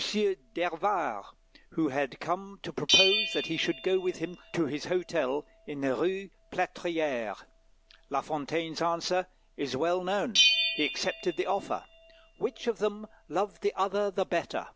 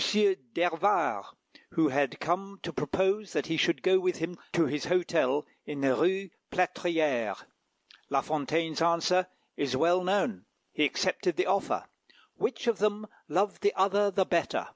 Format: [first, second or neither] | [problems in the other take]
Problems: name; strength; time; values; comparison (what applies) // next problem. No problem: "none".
second | background sound (Bell); 4 dB below the speech